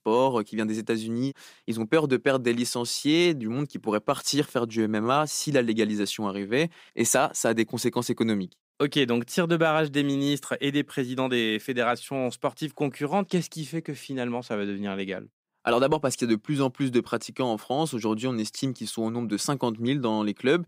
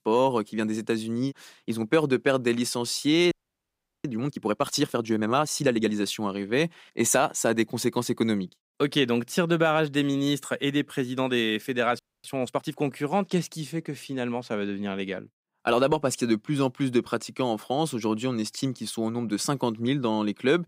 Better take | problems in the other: first | audio freezing; at 3.5 s for 0.5 s and at 12 s

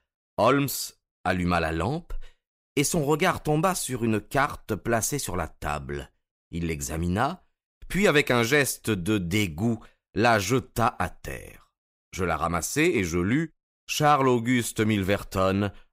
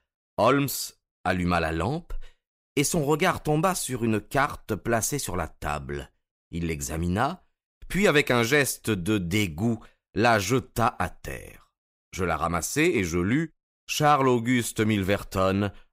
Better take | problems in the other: neither | none

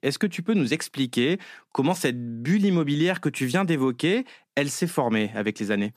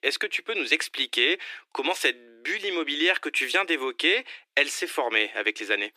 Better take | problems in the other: first | thin; very; fading below 300 Hz

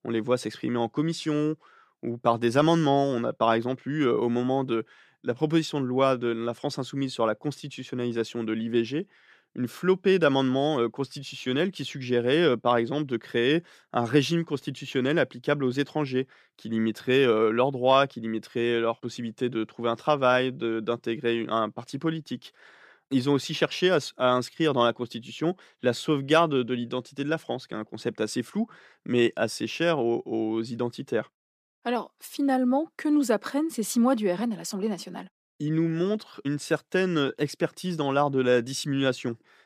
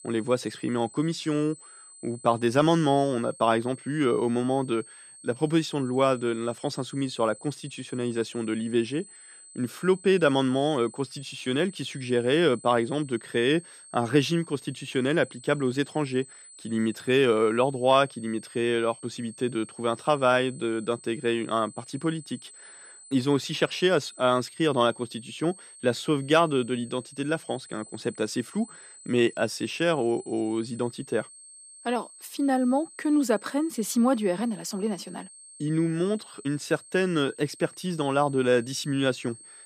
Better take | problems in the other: first | high-pitched whine; noticeable; throughout; 8 kHz, 20 dB below the speech

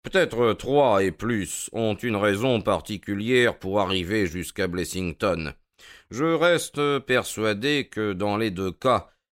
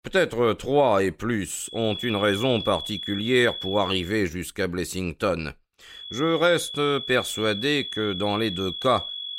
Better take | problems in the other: first | high-pitched whine; loud; from 1.5 to 4 s and from 6 s on; 3.5 kHz, 7 dB below the speech

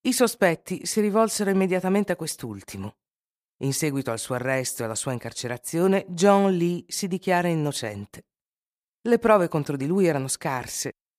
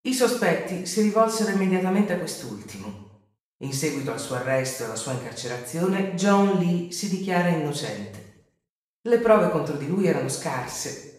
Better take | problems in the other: first | room echo; noticeable; dies away in 0.7 s // off-mic speech; far

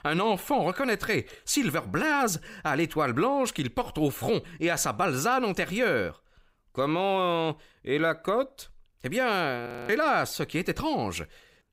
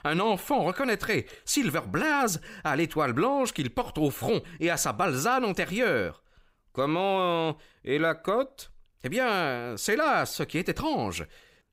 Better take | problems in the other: second | audio freezing; at 9.5 s

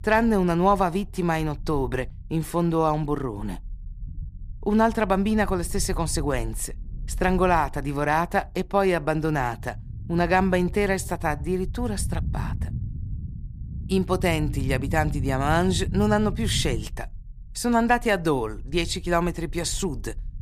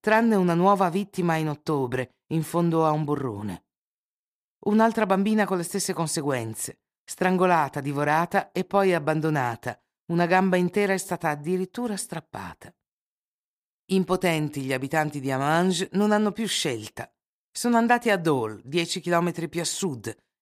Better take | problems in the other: second | low rumble; faint; throughout; 20 dB below the speech

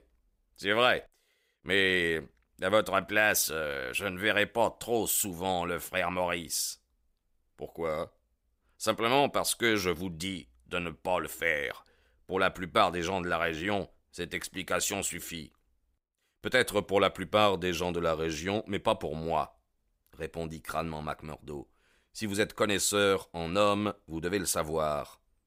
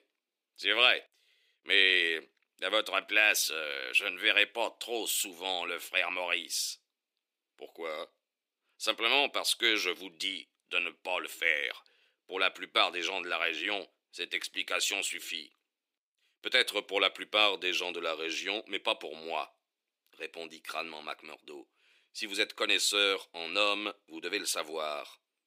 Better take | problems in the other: first | thin; somewhat; fading below 300 Hz

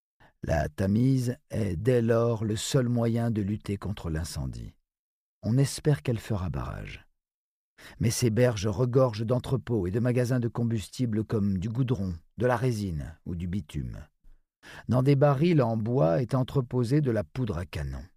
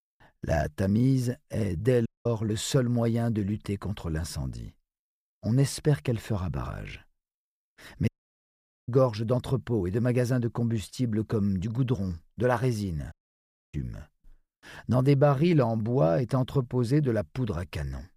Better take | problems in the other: first | audio cutting out; at 2 s, at 8 s for 1 s and at 13 s for 0.5 s

